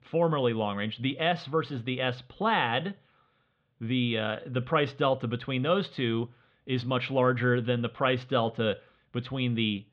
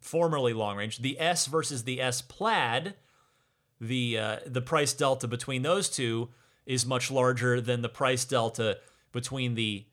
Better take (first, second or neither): second